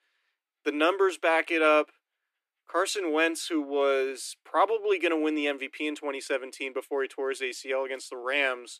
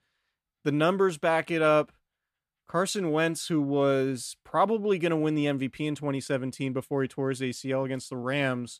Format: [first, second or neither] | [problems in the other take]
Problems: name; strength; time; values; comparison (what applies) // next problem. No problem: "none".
second | thin; somewhat; fading below 300 Hz